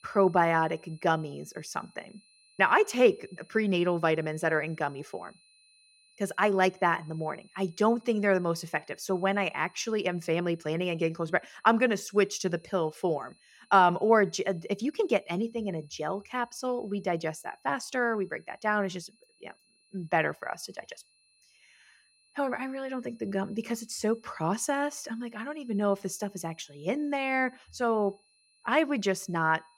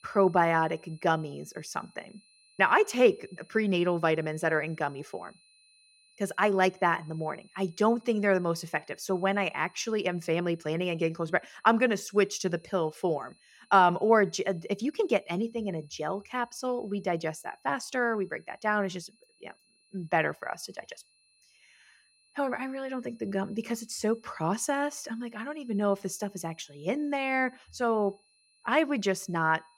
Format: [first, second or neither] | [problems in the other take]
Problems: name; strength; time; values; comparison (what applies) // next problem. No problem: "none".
neither | high-pitched whine; faint; throughout; 4 kHz, 35 dB below the speech; the same in both